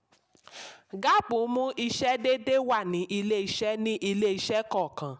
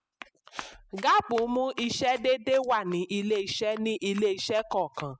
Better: first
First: none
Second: noise reduction (classical method spectral subtraction)

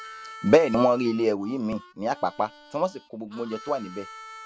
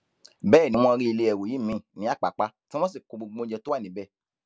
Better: second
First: background sound (Harmonica); 18 dB below the speech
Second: none

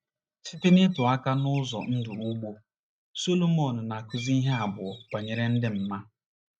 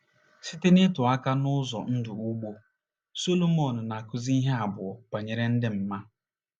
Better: second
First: noise reduction (neural mask model RNNoise)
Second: none

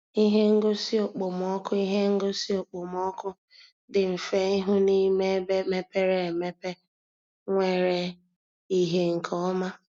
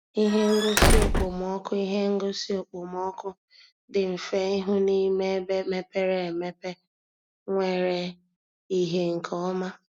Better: first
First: none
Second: background sound (Squeak / Slam / Wood); 4 dB above the speech

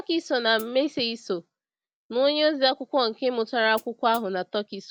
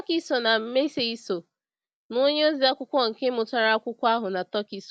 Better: second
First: background sound (Hi-hat); 19 dB below the speech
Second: none

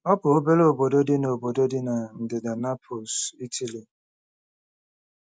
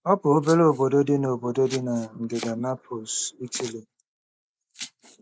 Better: first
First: none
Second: noise reduction (neural mask model Resemble Enhance denoiser)

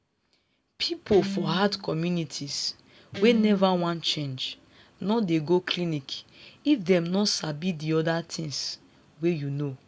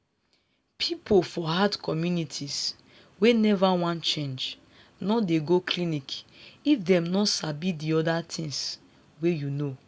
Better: second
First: background sound (Guitar); 7 dB below the speech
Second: none

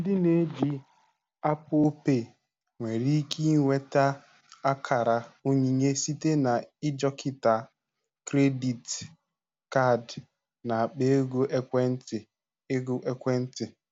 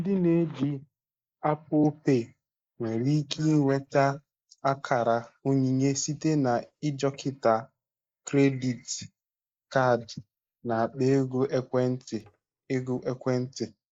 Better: first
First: none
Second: noise reduction (neural mask model Resemble Enhance denoiser)

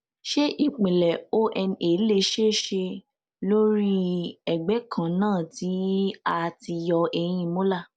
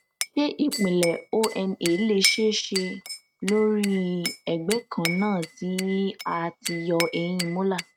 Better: first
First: none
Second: noise reduction (neural mask model RNNoise)

